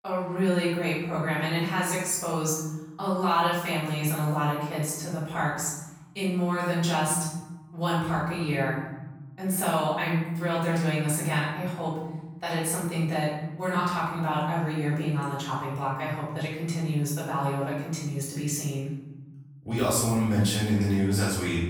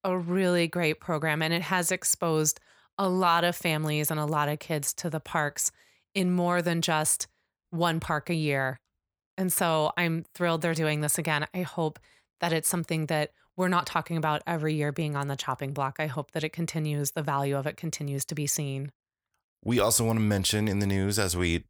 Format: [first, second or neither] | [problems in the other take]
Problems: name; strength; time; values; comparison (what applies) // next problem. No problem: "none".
second | room echo; noticeable; dies away in 1.1 s // off-mic speech; far